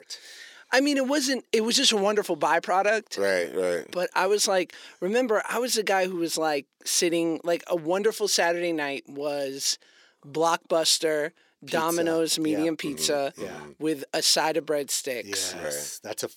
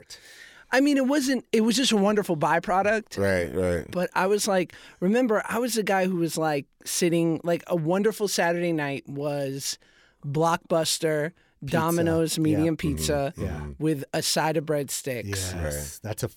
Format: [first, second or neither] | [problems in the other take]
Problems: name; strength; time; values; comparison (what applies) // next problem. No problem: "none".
second | thin; very slightly; fading below 350 Hz